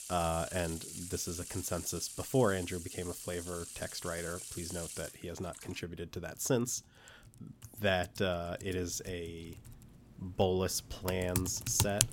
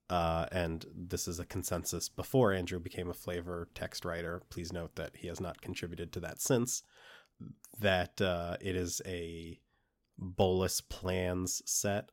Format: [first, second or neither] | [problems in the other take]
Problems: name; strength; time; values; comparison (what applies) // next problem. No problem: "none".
second | household noises; loud; throughout; 6 dB below the speech